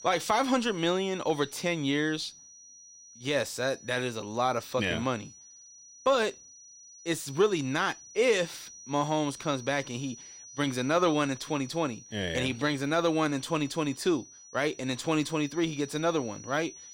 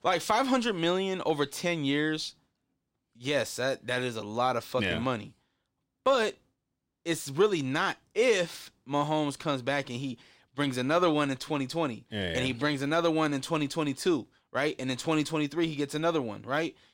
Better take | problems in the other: second | high-pitched whine; noticeable; throughout; 6 kHz, 20 dB below the speech

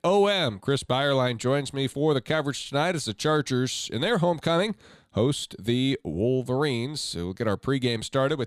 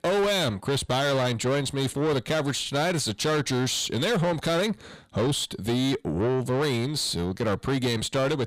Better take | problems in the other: first | distortion; heavy; 8 dB below the speech

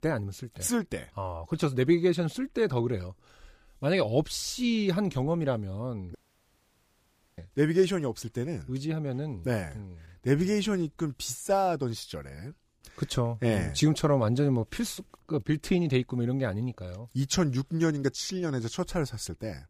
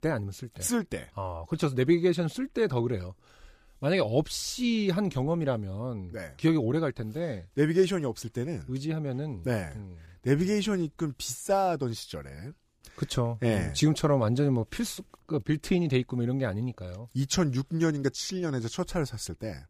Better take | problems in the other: second | audio cutting out; at 6 s for 1 s

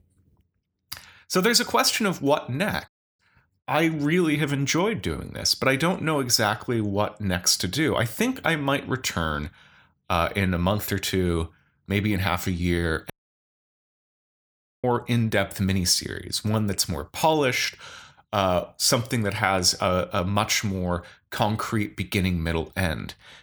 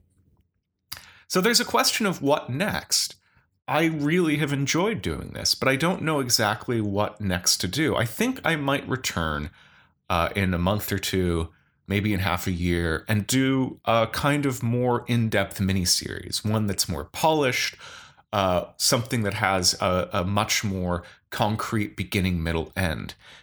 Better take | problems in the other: second | audio cutting out; at 3 s and at 13 s for 1.5 s

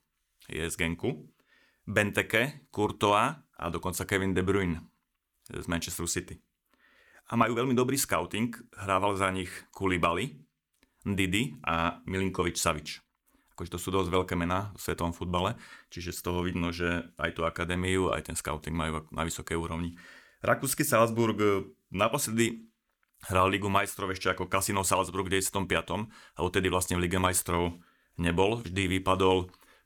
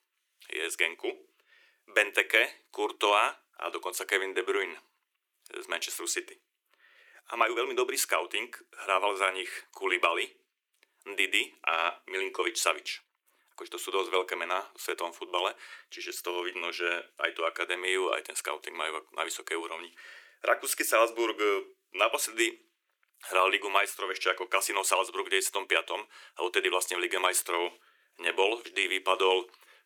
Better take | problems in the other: first | thin; very; fading below 350 Hz

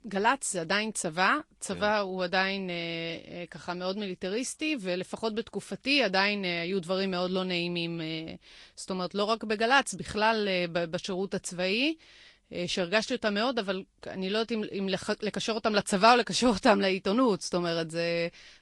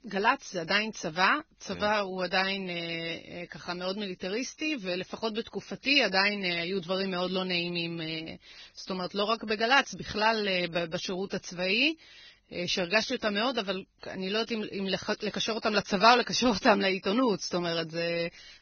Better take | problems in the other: first | garbled, watery; badly; nothing above 6 kHz; slightly in the first

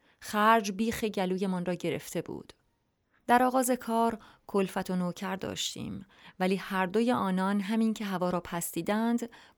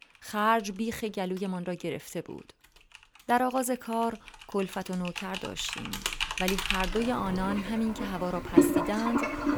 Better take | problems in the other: first | household noises; very loud; throughout; as loud as the speech

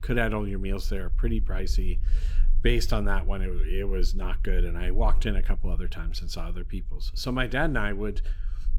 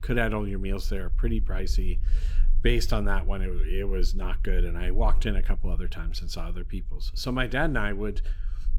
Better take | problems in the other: neither | low rumble; faint; throughout; 25 dB below the speech; the same in both

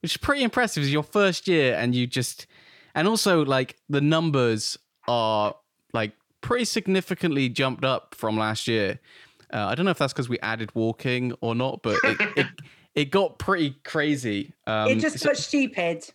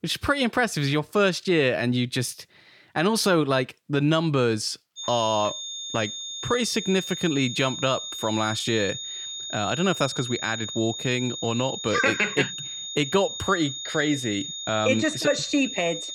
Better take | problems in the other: first | high-pitched whine; loud; from 5 s on; 3.5 kHz, 7 dB below the speech

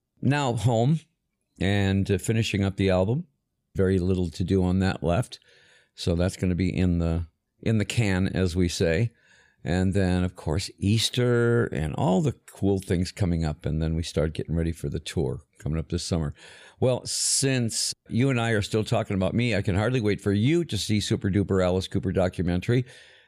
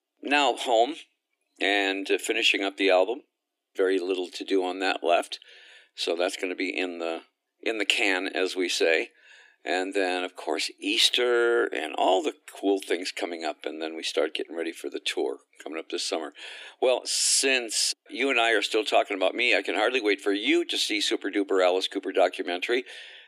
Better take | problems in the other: first | thin; very; fading below 300 Hz

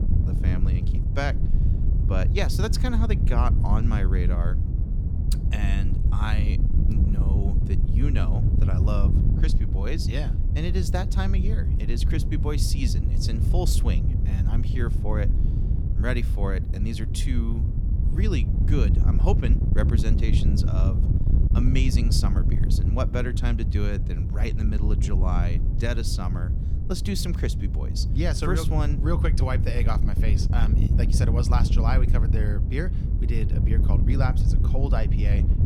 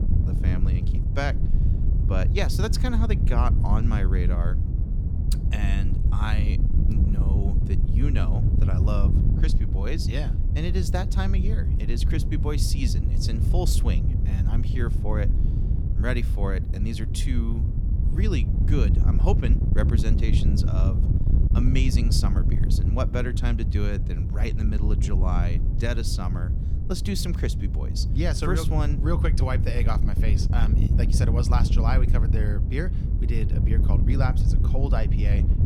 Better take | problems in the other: neither | wind noise on the microphone; heavy; 5 dB below the speech; the same in both

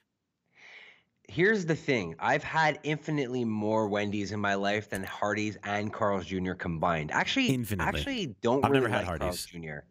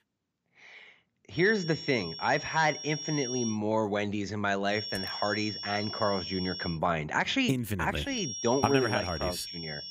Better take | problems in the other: first | high-pitched whine; loud; from 1.5 to 3.5 s, from 4.5 to 6.5 s and from 8 s on; 5.5 kHz, 7 dB below the speech

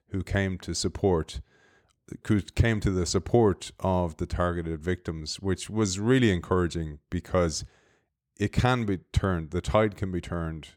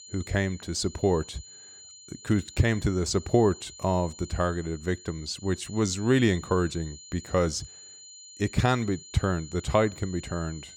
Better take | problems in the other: first | high-pitched whine; noticeable; throughout; 7 kHz, 15 dB below the speech

